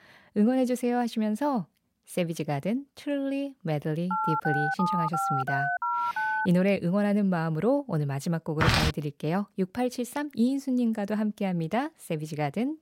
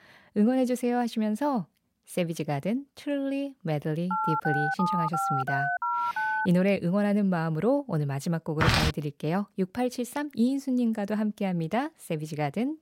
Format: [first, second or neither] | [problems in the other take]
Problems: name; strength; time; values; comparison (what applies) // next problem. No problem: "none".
neither | phone ringing; loud; from 4 to 6.5 s; peak 1 dB above the speech; the same in both // footsteps; loud; at 8.5 s; peak 5 dB above the speech; the same in both